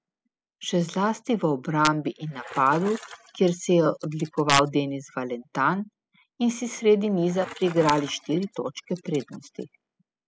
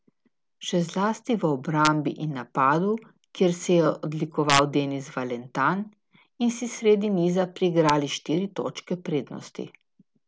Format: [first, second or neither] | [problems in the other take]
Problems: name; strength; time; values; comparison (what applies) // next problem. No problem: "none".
second | noise reduction (classical method spectral subtraction)